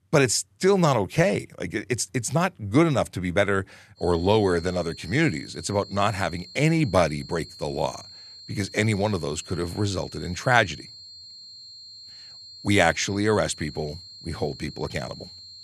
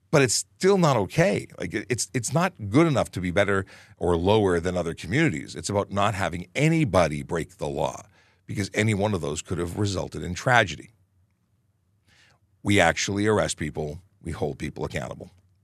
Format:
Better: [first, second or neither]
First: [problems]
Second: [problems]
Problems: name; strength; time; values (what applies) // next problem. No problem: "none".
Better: second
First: high-pitched whine; noticeable; from 4 s on; 4 kHz, 15 dB below the speech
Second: none